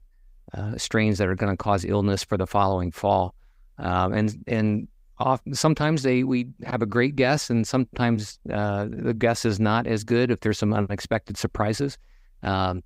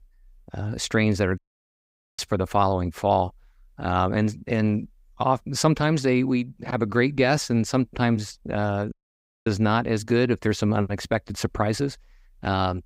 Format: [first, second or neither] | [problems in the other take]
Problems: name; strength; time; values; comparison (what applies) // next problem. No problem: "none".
first | audio cutting out; at 1.5 s for 1 s and at 9 s for 0.5 s